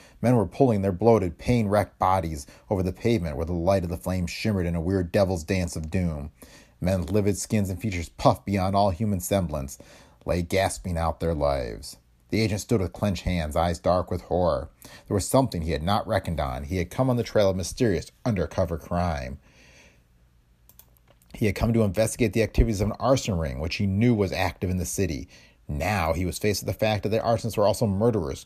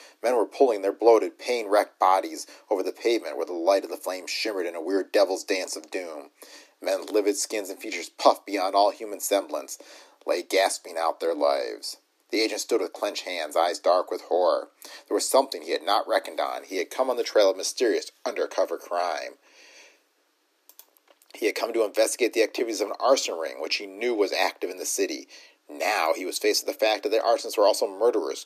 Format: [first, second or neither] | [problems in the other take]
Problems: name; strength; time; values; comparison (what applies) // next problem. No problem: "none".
first | thin; very; fading below 300 Hz